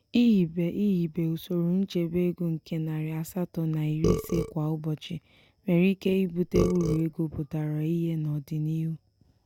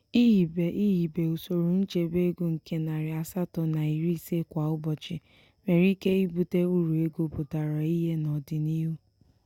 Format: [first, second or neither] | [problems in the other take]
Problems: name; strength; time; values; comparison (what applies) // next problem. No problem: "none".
second | background sound (Burping, eructation); 6 dB below the speech